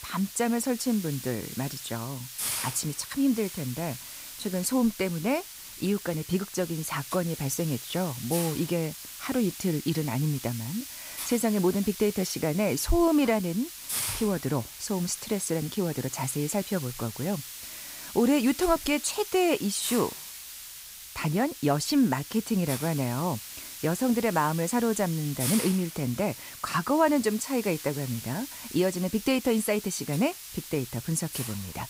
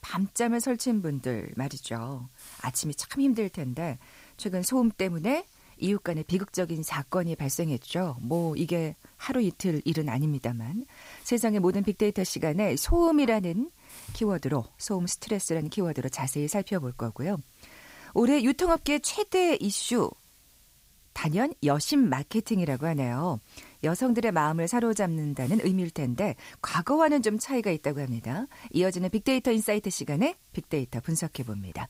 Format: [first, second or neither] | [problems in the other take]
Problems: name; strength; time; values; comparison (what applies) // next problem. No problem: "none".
second | hiss; loud; throughout; 9 dB below the speech; faint in the second